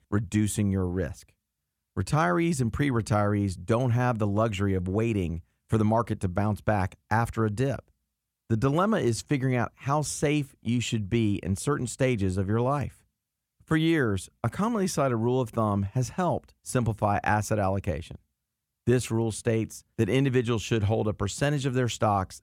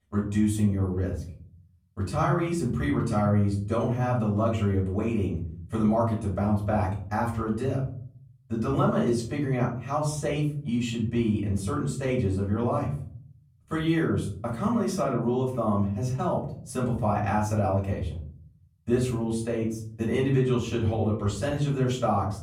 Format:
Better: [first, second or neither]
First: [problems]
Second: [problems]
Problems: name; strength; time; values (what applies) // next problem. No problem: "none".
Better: first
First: none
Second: room echo; slight; dies away in 0.7 s // off-mic speech; far